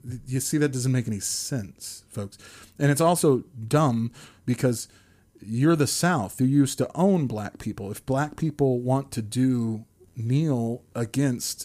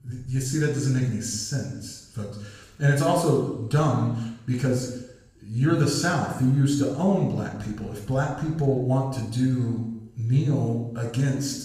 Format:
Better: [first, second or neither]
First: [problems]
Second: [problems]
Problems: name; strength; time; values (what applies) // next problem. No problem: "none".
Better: first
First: none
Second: room echo; noticeable; dies away in 0.9 s // off-mic speech; far